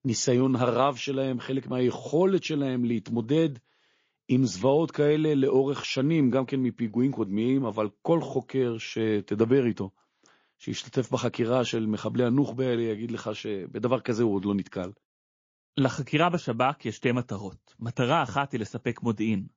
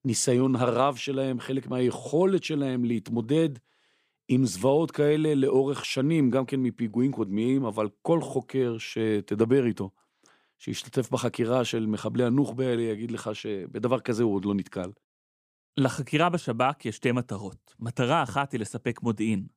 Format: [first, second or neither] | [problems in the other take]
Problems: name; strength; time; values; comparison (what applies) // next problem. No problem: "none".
second | garbled, watery; slightly